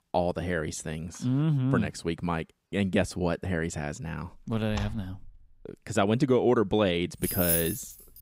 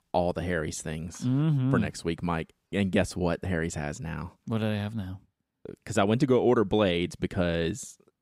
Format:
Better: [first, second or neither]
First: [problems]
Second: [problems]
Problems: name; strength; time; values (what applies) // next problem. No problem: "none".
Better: second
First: door banging; noticeable; at 4.5 s; peak 9 dB below the speech // jangling keys; loud; at 7 s; peak 3 dB above the speech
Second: none